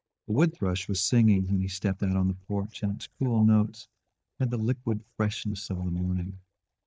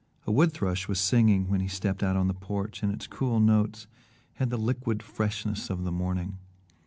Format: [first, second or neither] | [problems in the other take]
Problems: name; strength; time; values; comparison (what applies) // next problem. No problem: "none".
second | noise reduction (neural mask model DeepFilterNet 3)